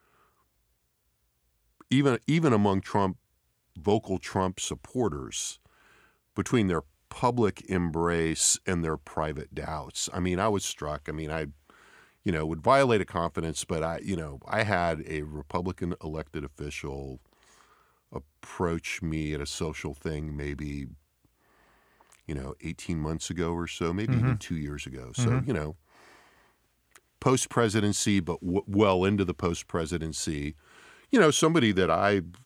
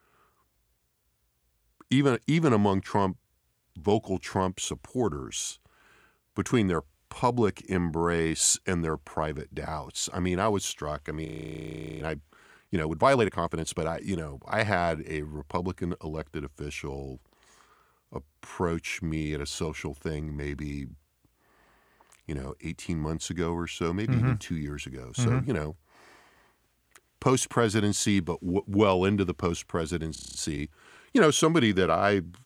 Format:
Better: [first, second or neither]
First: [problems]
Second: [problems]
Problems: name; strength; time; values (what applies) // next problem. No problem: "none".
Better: first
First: none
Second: audio freezing; at 11 s for 0.5 s and at 30 s